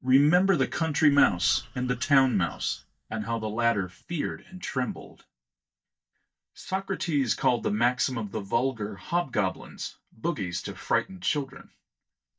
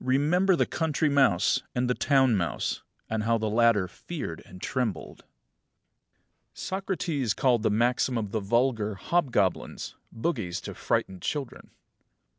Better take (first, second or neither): second